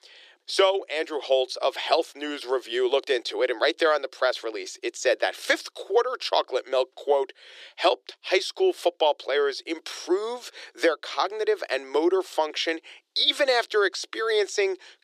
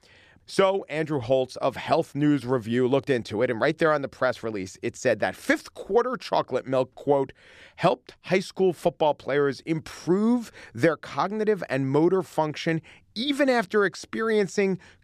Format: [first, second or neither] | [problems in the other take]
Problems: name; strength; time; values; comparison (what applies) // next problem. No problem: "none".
second | thin; very; fading below 350 Hz